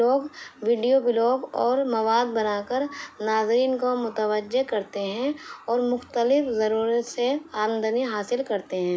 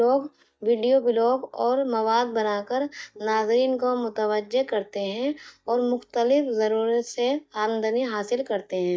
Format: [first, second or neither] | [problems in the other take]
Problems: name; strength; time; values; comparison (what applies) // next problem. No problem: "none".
first | noise reduction (neural mask model DeepFilterNet 3)